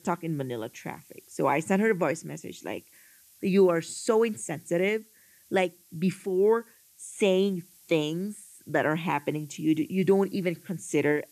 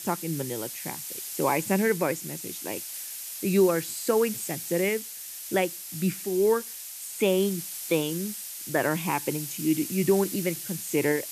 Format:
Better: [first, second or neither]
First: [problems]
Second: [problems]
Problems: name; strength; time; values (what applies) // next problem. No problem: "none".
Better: first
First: hiss; faint; throughout; 25 dB below the speech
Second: hiss; loud; throughout; 7 dB below the speech